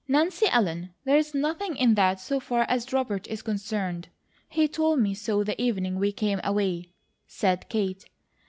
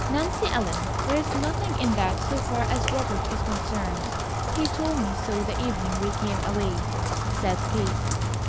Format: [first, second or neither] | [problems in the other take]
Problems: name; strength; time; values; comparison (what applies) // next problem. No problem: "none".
first | background sound (Rain); 3 dB above the speech